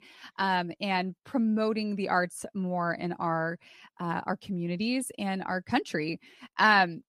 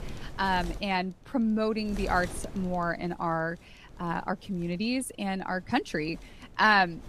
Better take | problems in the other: first | wind noise on the microphone; occasional gusts; 20 dB below the speech

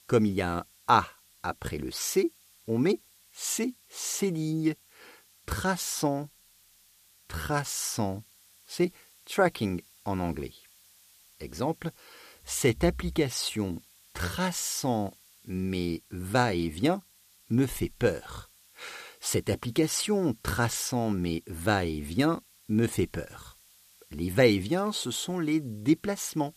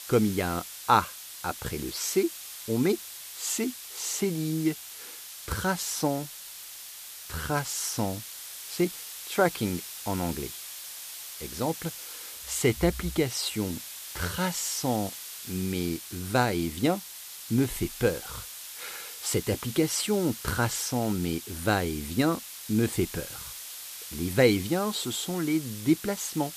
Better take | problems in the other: first | hiss; loud; throughout; 10 dB below the speech; faint in the first

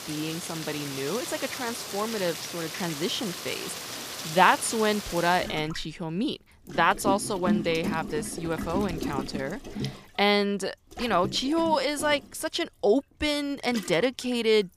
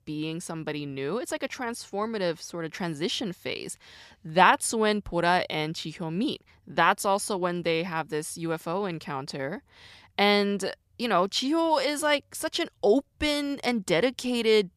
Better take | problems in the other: second | rain or running water; loud; throughout; 7 dB below the speech

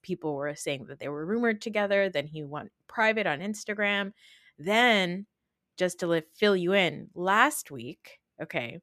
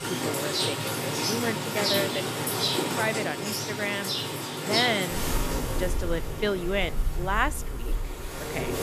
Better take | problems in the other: first | rain or running water; very loud; throughout; 2 dB above the speech

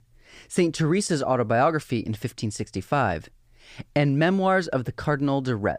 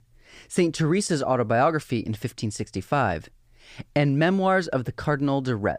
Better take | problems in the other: neither | none

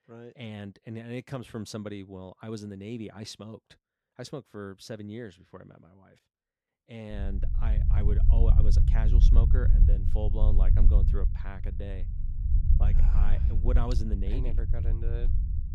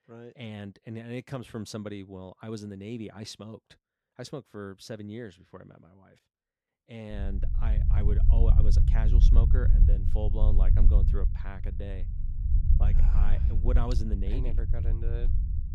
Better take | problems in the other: neither | low rumble; loud; from 7 s on; 4 dB below the speech; the same in both

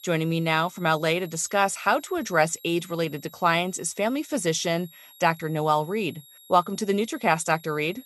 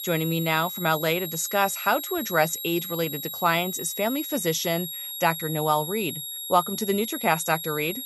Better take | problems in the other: first | high-pitched whine; loud; throughout; 11.5 kHz, 6 dB below the speech; faint in the first

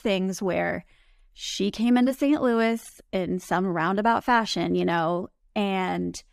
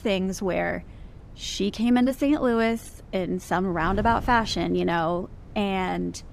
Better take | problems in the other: first | wind noise on the microphone; occasional gusts; 25 dB below the speech

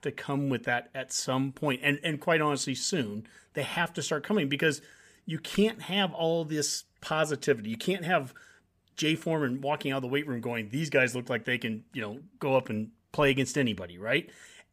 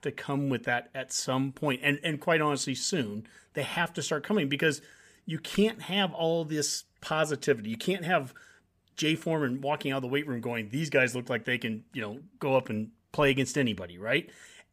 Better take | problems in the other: neither | none

